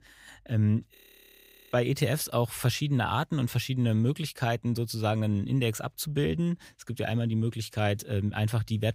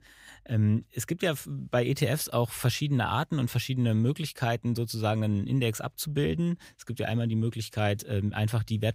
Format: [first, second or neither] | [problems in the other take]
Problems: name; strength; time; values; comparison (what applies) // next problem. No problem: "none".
second | audio freezing; at 1 s for 1 s